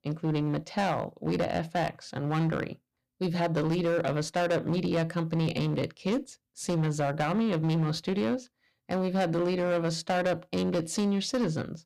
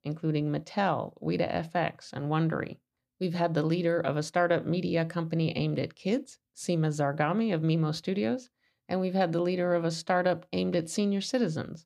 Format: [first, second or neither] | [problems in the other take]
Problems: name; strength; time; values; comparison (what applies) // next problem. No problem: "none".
second | distortion; slight; 11% of the sound clipped